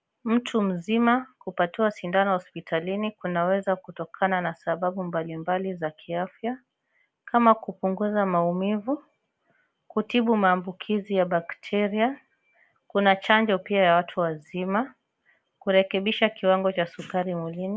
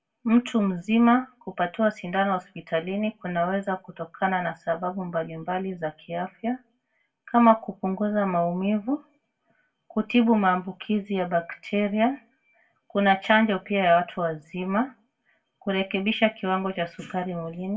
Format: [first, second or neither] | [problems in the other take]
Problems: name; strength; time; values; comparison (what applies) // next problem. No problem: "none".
first | room echo; dies away in 0.1 s